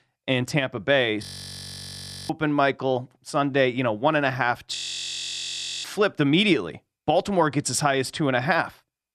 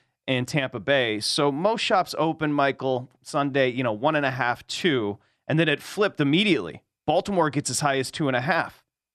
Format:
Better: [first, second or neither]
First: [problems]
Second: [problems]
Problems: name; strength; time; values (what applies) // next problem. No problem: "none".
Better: second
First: audio freezing; at 1 s for 1 s and at 5 s for 1 s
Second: none